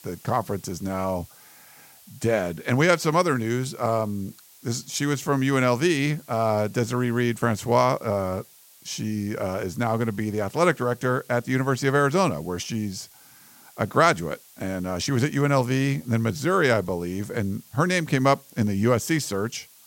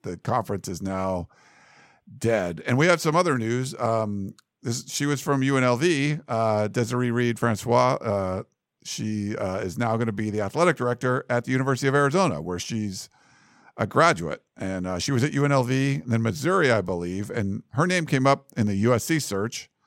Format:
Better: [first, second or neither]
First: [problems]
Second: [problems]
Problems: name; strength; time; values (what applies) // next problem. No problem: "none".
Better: second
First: hiss; faint; throughout; 25 dB below the speech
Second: none